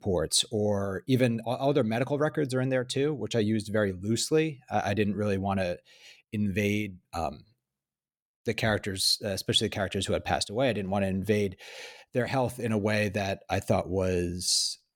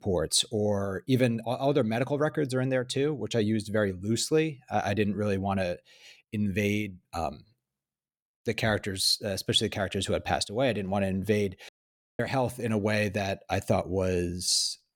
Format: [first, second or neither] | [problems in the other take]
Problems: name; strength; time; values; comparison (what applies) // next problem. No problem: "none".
first | audio cutting out; at 12 s for 0.5 s